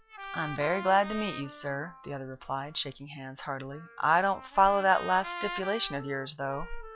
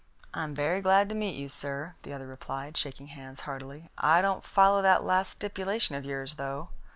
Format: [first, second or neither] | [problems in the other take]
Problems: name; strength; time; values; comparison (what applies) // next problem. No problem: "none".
second | noise reduction (classical method log-MMSE)